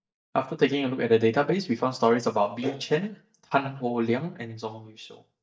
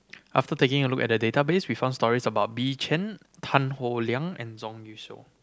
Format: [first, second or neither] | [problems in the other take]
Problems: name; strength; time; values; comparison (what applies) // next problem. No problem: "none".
second | noise reduction (neural mask model DeepFilterNet 3)